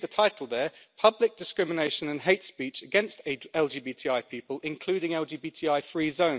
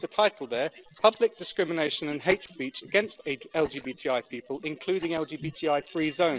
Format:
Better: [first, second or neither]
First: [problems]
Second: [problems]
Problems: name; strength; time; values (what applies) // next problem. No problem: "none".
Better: first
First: none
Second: noise reduction (neural separator model SepFormer DNS4)